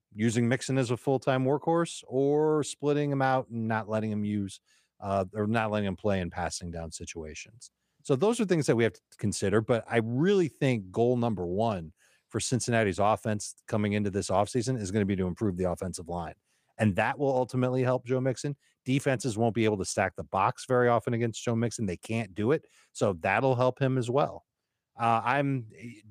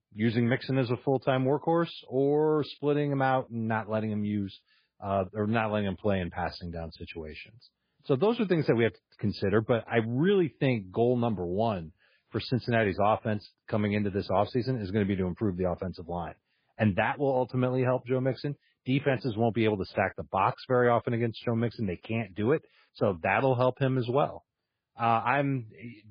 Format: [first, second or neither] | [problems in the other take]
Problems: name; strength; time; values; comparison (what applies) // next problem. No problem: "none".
first | garbled, watery; badly; nothing above 5 kHz